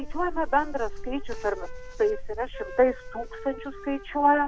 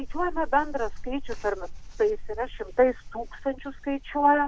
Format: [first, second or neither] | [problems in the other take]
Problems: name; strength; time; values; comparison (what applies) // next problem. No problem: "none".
second | background sound (Wind instrument, woodwind instrument); 18 dB below the speech